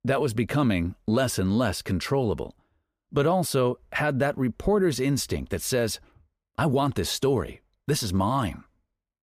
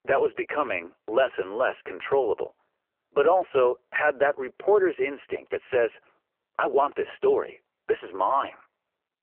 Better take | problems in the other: first | phone-call audio; poor line

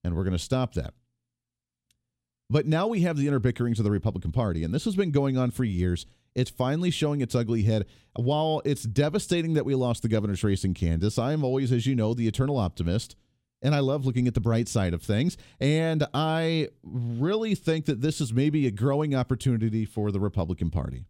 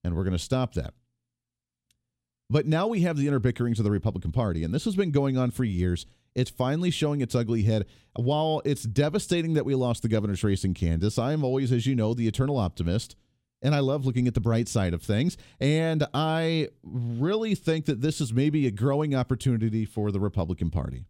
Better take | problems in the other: neither | none

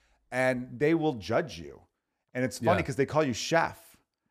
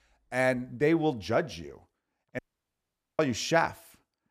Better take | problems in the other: first | audio cutting out; at 2.5 s for 1 s

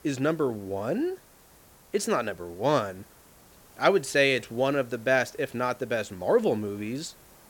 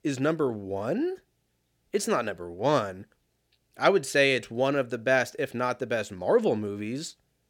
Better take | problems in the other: second | hiss; faint; throughout; 25 dB below the speech

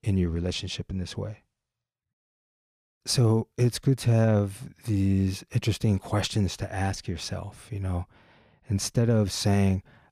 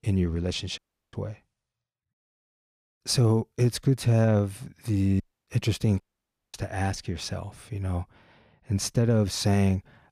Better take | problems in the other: first | audio cutting out; at 1 s, at 5 s and at 6 s for 0.5 s

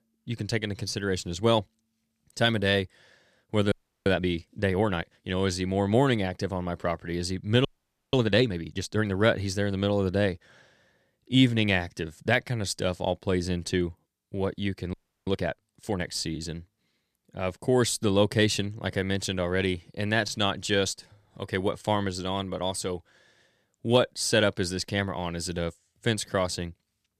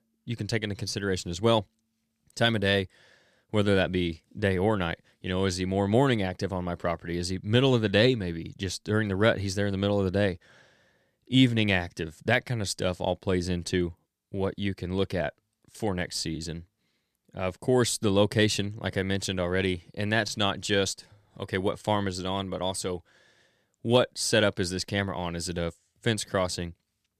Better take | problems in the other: second | audio freezing; at 3.5 s, at 7.5 s and at 15 s

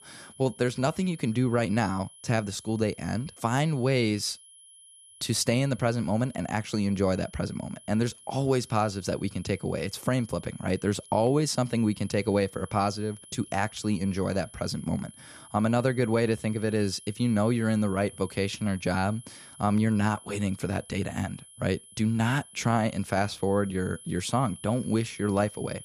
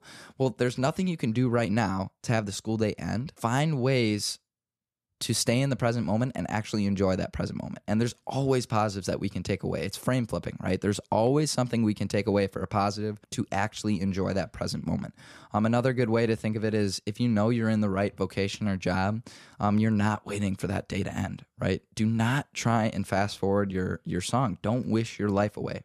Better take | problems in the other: second | high-pitched whine; noticeable; throughout; 10.5 kHz, 20 dB below the speech

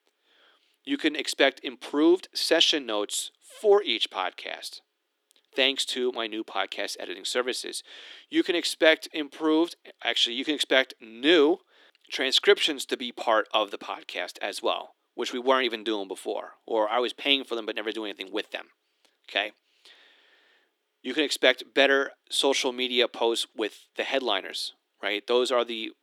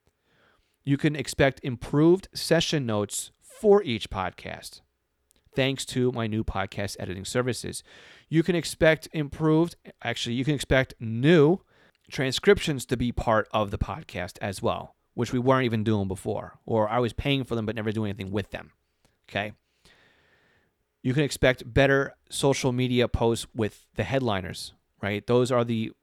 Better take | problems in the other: second | thin; somewhat; fading below 300 Hz

